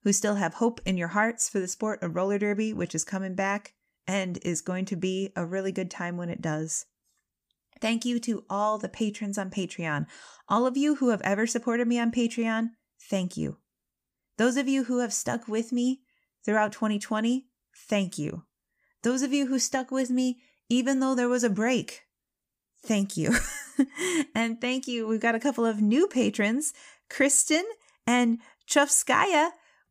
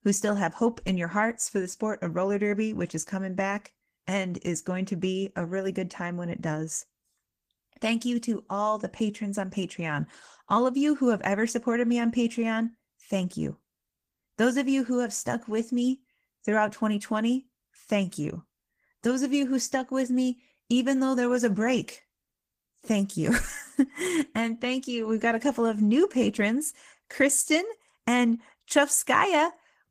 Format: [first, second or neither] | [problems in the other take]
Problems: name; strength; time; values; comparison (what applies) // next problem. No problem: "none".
first | garbled, watery; slightly